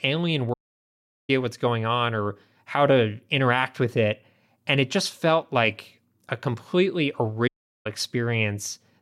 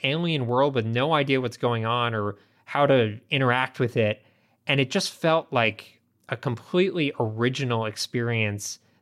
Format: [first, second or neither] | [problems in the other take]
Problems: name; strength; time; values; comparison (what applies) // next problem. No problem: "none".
second | audio cutting out; at 0.5 s for 1 s and at 7.5 s